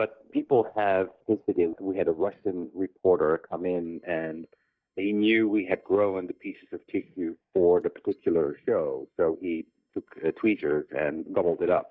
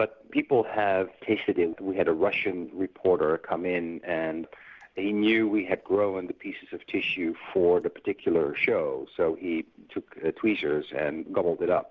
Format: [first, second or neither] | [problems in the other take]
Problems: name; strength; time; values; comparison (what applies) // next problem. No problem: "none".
second | noise reduction (neural mask model DeepFilterNet 3)